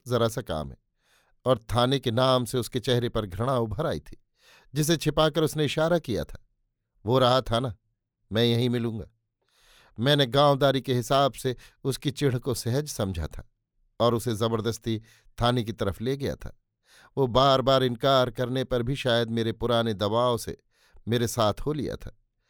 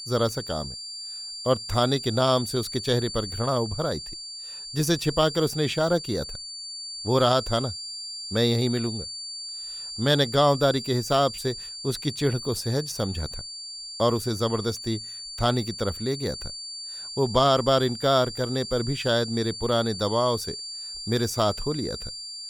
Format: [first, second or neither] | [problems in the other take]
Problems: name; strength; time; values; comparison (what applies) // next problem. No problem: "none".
first | high-pitched whine; loud; throughout; 4.5 kHz, 9 dB below the speech